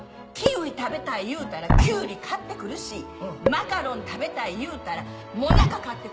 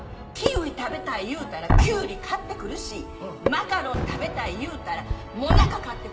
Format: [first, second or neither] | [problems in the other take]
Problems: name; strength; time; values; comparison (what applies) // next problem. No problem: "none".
first | background sound (Fireworks); 12 dB below the speech // room echo; dies away in 2.8 s